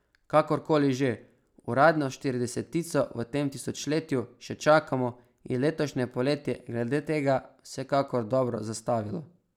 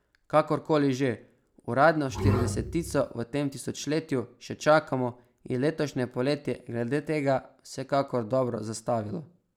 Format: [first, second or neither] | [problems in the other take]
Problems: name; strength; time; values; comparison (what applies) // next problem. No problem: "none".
first | background sound (Bowed string instrument); 1 dB below the speech